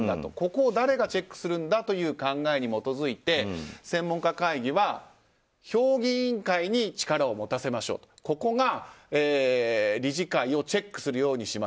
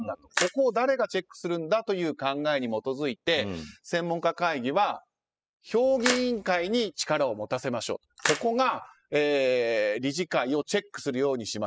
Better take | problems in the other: first | noise reduction (classical method spectral subtraction)

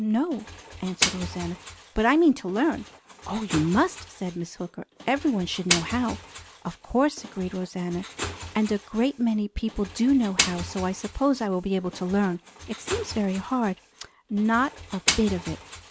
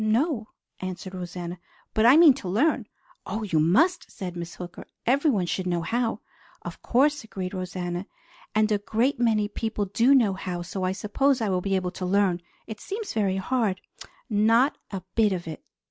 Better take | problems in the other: second | background sound (Engine); 8 dB below the speech

